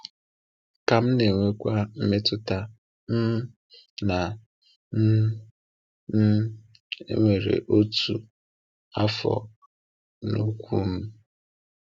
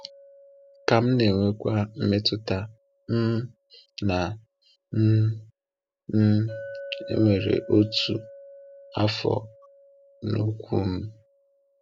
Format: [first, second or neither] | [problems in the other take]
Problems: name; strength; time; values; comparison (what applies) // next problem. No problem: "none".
first | background sound (Chink, clink); 20 dB below the speech